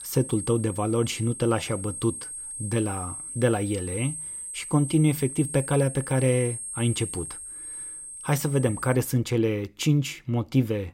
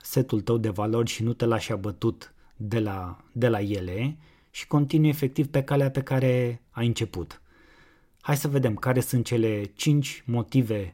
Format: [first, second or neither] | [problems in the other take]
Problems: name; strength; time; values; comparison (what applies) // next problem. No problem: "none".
second | high-pitched whine; loud; until 9 s; 8.5 kHz, 8 dB below the speech